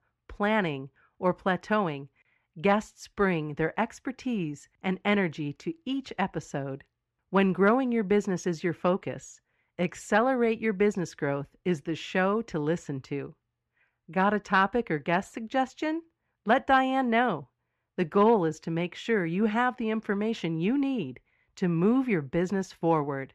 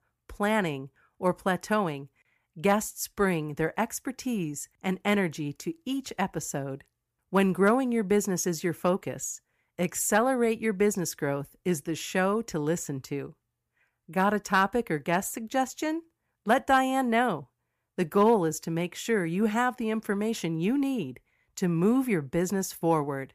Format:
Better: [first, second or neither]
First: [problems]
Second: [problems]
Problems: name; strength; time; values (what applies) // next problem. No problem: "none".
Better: second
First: muffled; slightly; fading above 3 kHz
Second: none